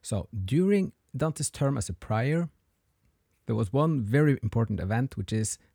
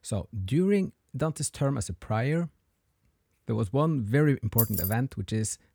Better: first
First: none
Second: jangling keys; loud; at 4.5 s; peak 2 dB above the speech

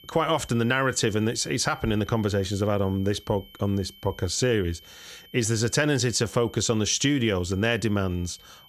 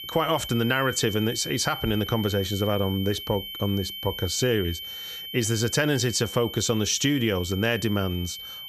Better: first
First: high-pitched whine; faint; throughout; 3 kHz, 25 dB below the speech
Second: high-pitched whine; loud; throughout; 3 kHz, 9 dB below the speech

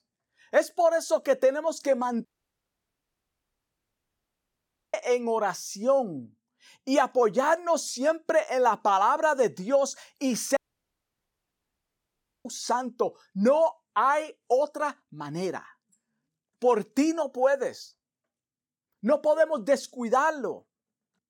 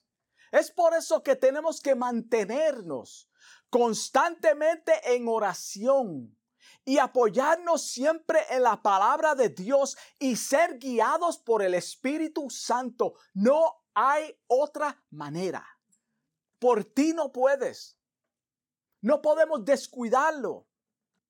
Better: second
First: audio cutting out; at 2.5 s for 2.5 s and at 11 s for 2 s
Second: none

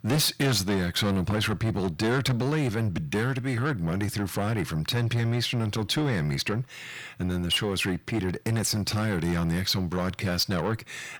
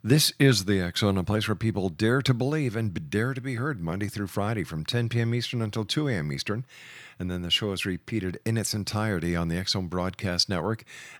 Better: second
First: distortion; heavy; 6 dB below the speech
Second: none

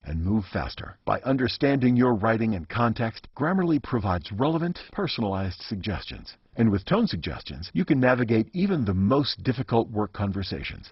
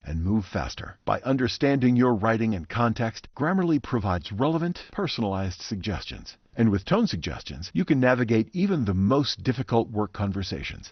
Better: second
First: garbled, watery; badly; nothing above 5.5 kHz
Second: garbled, watery; slightly; nothing above 6 kHz

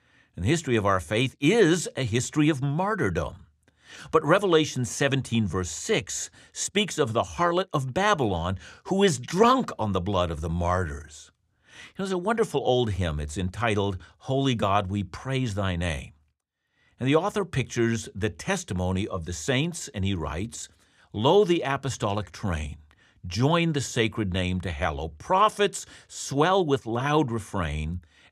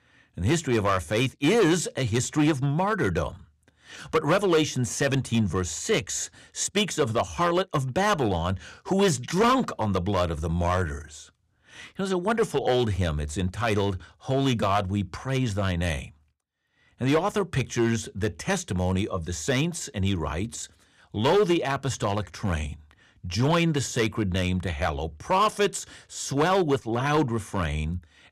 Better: first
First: none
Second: distortion; slight; 4% of the sound clipped

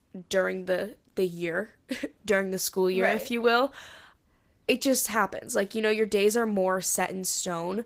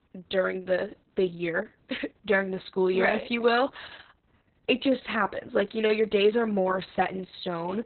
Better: first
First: garbled, watery; slightly; nothing above 15.5 kHz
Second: garbled, watery; badly; nothing above 4 kHz

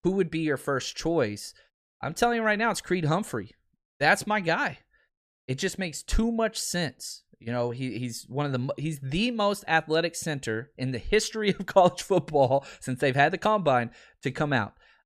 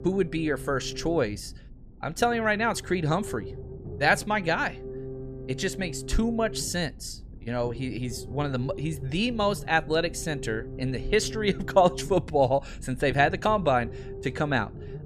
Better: first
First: none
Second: low rumble; noticeable; throughout; 15 dB below the speech

